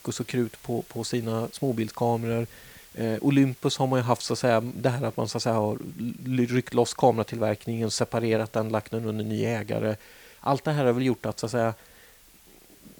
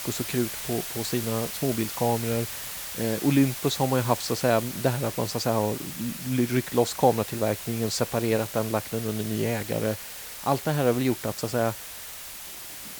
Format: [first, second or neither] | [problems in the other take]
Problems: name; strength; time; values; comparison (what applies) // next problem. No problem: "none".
first | hiss; loud; throughout; 7 dB below the speech; faint in the first